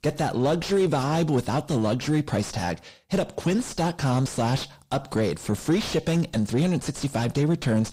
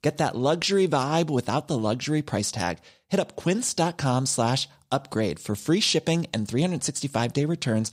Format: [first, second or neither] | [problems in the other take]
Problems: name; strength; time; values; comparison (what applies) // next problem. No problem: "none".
second | distortion; heavy; 6 dB below the speech